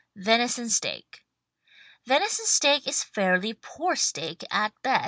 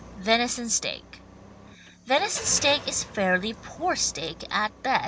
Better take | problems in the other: first | background sound (Car); 16 dB below the speech

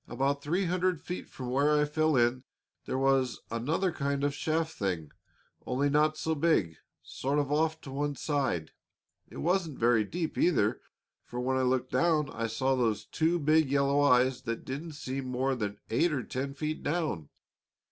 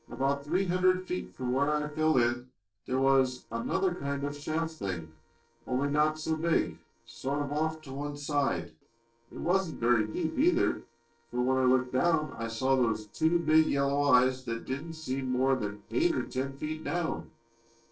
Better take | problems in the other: first | noise reduction (neural separator model SepFormer DNS4)

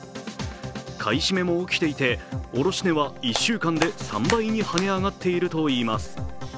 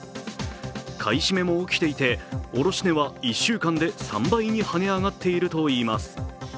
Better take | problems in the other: second | background sound (Hands); 10 dB below the speech

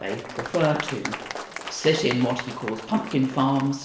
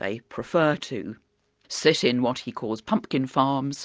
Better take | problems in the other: second | background sound (Applause); 10 dB below the speech // room echo; dies away in 0.8 s

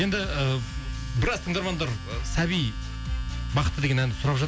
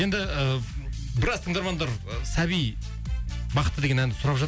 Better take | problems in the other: second | background sound (Domestic sounds, home sounds); 17 dB below the speech

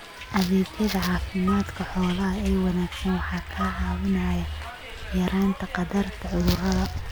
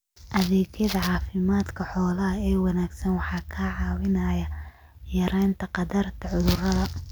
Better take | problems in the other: second | background sound (Harp + Hiss); 12 dB below the speech

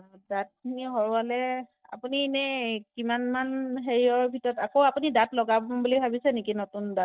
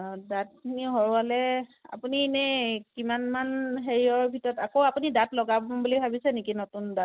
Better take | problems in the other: second | noise reduction (neural mask model DeepFilterNet 3)

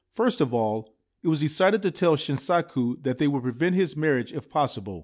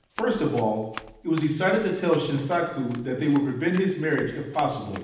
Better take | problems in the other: first | background sound (Run); 19 dB below the speech // room echo; dies away in 0.9 s

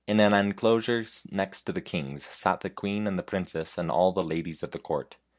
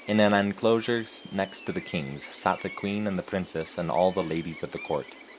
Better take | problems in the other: first | background sound (Gull, seagull); 18 dB below the speech

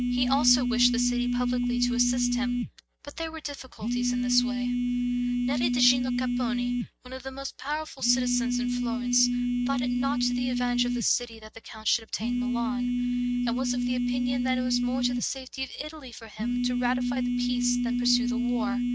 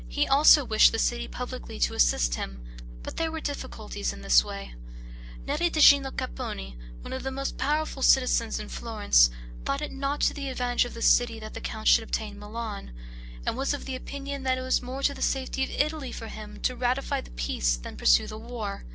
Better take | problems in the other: second | noise reduction (neural mask model RNNoise)

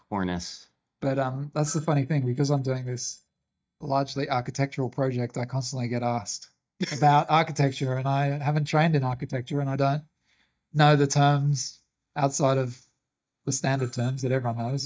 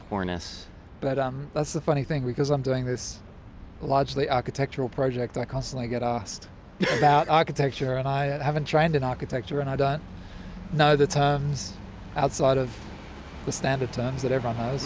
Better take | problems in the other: second | noise reduction (neural mask model DeepFilterNet 3)

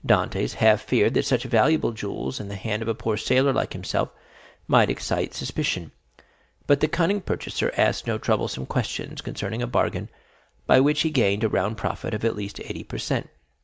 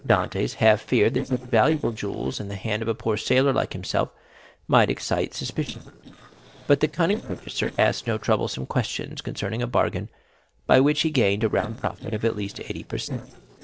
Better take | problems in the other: first | noise reduction (neural separator model SepFormer DNS4)

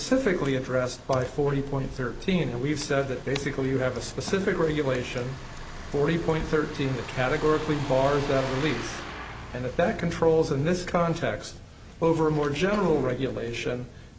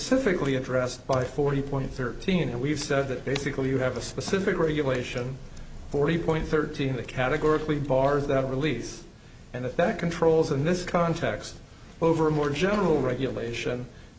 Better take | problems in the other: second | background sound (Truck); 16 dB below the speech

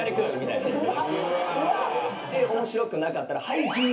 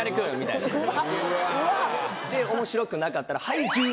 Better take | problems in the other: second | room echo; dies away in 0.3 s

